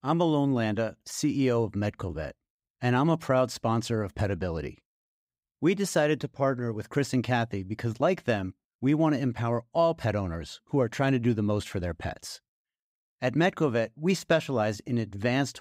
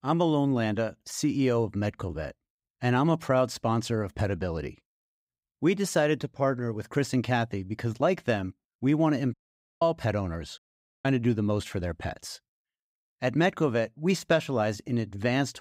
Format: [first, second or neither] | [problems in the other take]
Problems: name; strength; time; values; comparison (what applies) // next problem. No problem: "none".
first | audio cutting out; at 9.5 s and at 11 s